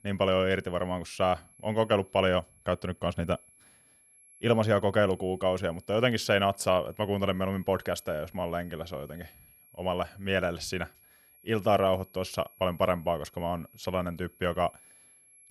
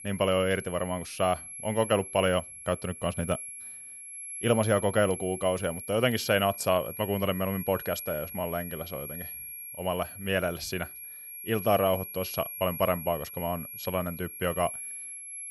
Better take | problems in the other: first | high-pitched whine; loud; throughout; 11.5 kHz, 9 dB below the speech; faint in the first

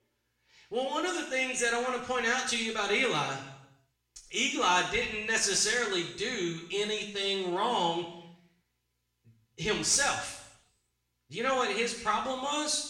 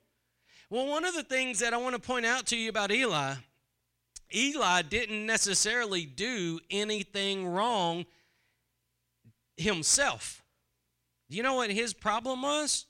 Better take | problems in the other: second | room echo; noticeable; dies away in 0.7 s // off-mic speech; far

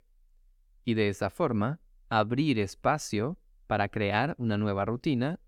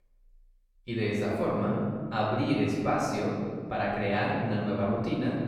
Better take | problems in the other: first | off-mic speech; far // room echo; noticeable; dies away in 1.6 s

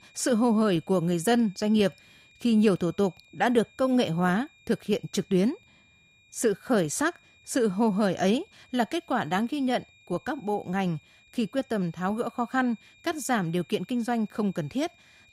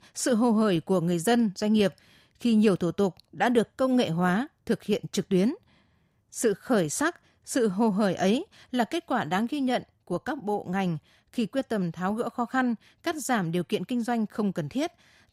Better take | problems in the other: second | high-pitched whine; faint; throughout; 2.5 kHz, 30 dB below the speech

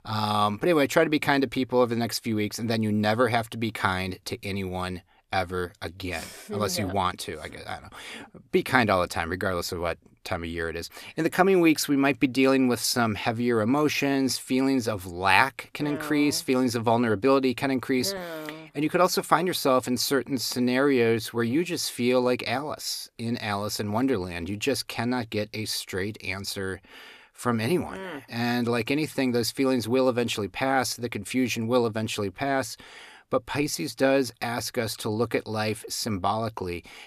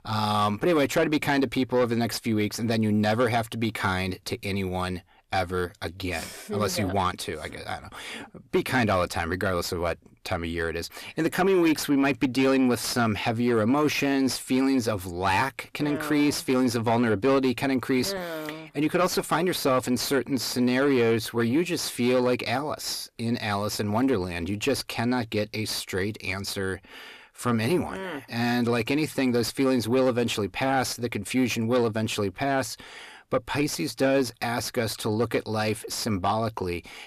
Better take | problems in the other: first | distortion; slight; 10 dB below the speech

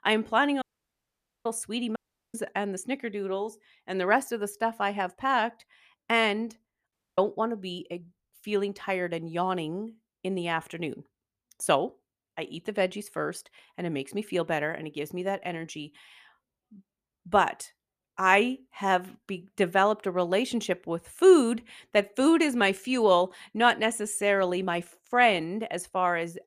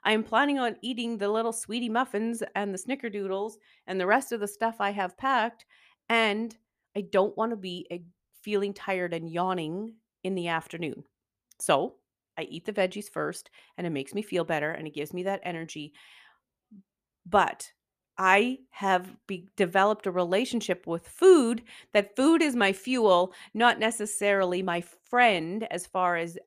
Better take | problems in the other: second | audio cutting out; at 0.5 s for 1 s, at 2 s and at 7 s

